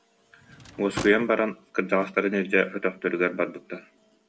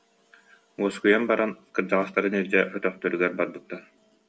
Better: second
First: background sound (Drawer open or close / Wood); 13 dB below the speech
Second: none

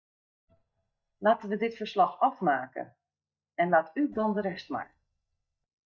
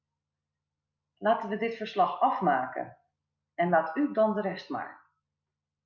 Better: second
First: noise reduction (neural mask model DeepFilterNet 3)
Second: none

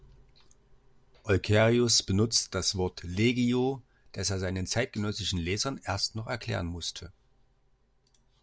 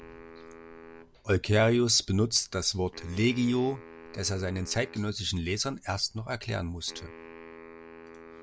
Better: first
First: none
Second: background sound (Wind instrument, woodwind instrument); 20 dB below the speech

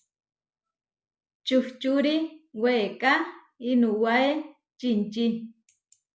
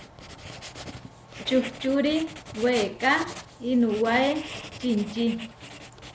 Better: first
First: none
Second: background sound (Writing); 13 dB below the speech

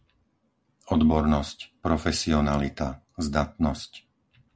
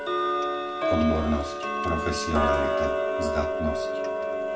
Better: first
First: none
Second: background sound (Tick-tock); 3 dB above the speech // room echo; dies away in 0.3 s

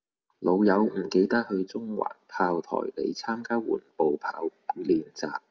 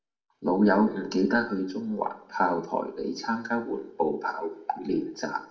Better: first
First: none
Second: room echo; dies away in 0.4 s

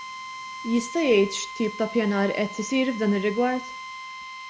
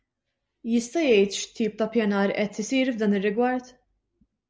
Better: second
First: background sound (Drill); 12 dB below the speech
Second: none

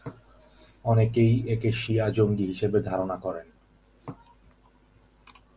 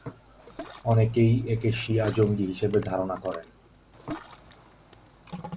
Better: first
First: none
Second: background sound (Ocean); 17 dB below the speech

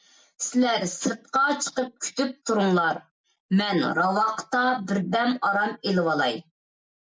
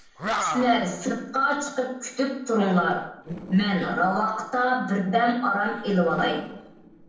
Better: first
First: none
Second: noise reduction (neural separator model SepFormer DNS4)

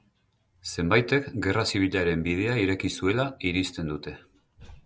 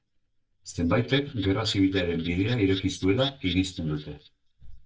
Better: first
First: none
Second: noise reduction (neural mask model DeepFilterNet 3)

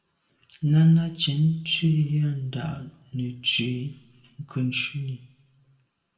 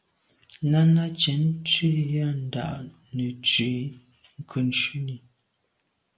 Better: second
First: room echo; dies away in 0.6 s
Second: none

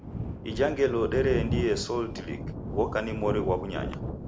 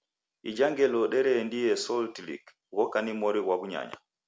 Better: second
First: background sound (Thunder); 4 dB below the speech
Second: none

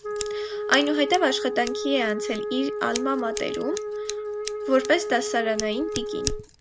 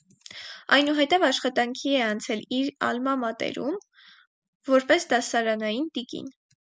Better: second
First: background sound (Wind instrument, woodwind instrument + Scissors); 4 dB below the speech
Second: none

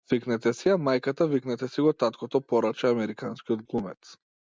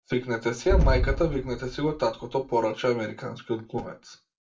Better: first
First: none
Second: background sound (Boom); 1 dB above the speech // room echo; dies away in 0.2 s

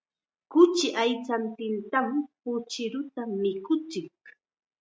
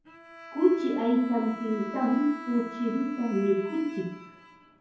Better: first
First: none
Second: background sound (Bowed string instrument); 14 dB below the speech // room echo; dies away in 0.9 s

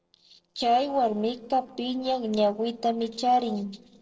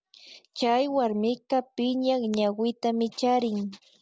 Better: second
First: noise reduction (neural separator model SepFormer DNS4)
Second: none

